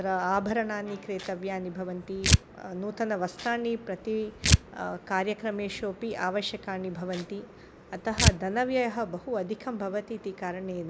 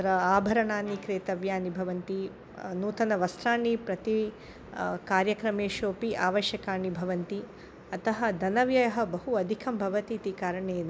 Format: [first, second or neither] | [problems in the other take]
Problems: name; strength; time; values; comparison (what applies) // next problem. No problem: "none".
second | background sound (Tearing); 2 dB above the speech